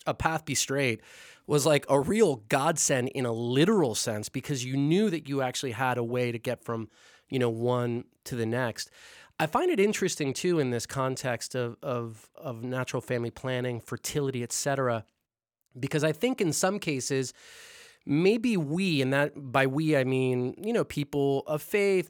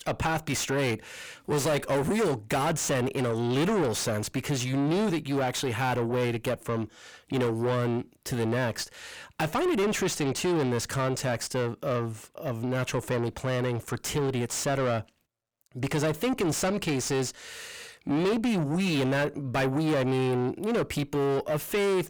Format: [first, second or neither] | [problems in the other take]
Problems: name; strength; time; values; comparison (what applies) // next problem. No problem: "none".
first | distortion; heavy; 5 dB below the speech